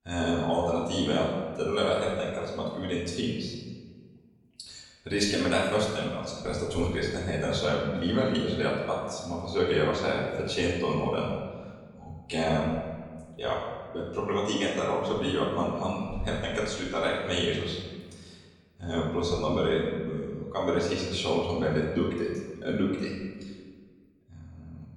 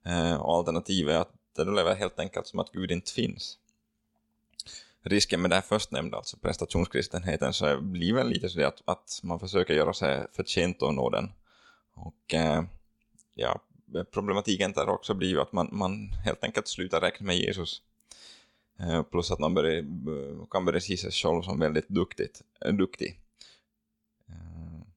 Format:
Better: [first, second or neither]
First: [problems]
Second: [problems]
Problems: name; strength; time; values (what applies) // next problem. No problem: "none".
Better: second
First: off-mic speech; far // room echo; noticeable; dies away in 1.3 s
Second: none